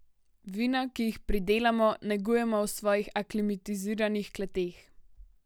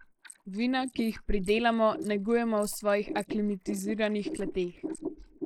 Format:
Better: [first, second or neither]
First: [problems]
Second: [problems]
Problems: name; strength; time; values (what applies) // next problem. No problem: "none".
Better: first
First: none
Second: noise reduction (neural mask model Resemble Enhance denoiser)